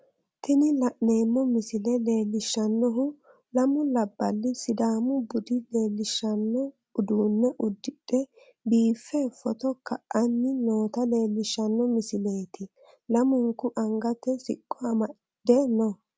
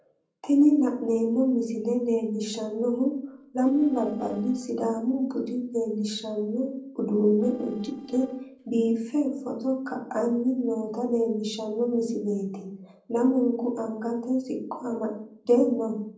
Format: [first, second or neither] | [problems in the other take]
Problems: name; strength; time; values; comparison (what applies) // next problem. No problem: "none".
first | noise reduction (neural separator model SepFormer DNS4)